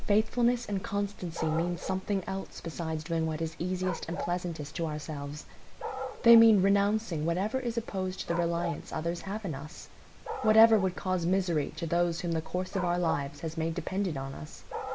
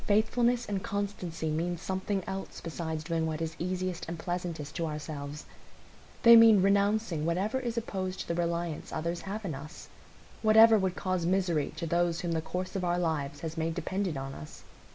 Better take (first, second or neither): second